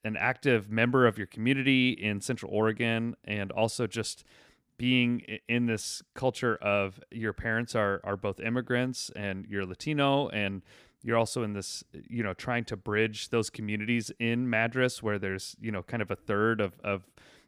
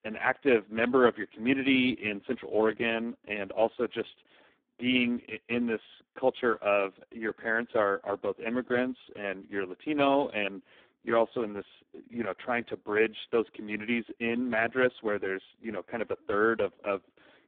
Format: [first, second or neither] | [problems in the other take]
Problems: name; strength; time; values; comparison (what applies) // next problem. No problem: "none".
first | phone-call audio; poor line